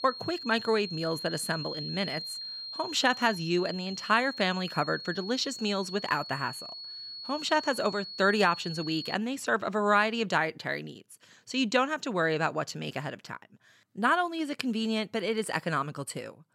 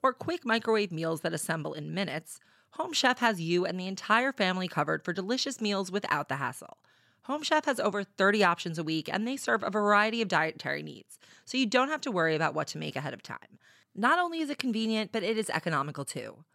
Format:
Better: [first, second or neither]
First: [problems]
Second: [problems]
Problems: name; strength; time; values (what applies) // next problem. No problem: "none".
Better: second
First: high-pitched whine; loud; until 9 s; 4.5 kHz, 9 dB below the speech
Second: none